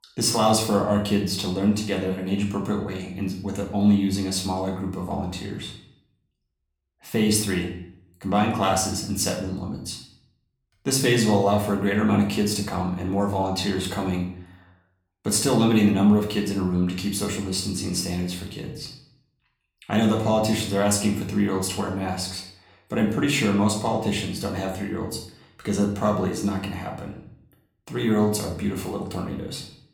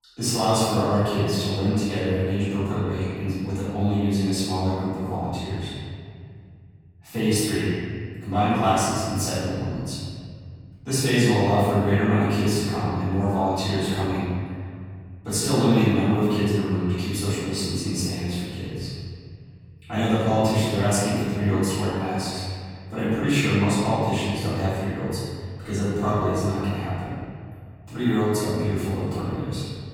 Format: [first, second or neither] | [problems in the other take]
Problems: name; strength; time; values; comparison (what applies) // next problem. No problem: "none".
first | room echo; strong; dies away in 2.3 s; slight in the first // off-mic speech; far; far in the first